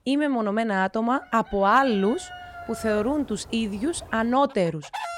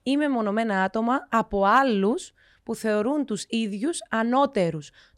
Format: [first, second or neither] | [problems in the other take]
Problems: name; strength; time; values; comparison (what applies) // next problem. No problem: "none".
second | animal sounds; noticeable; throughout; 15 dB below the speech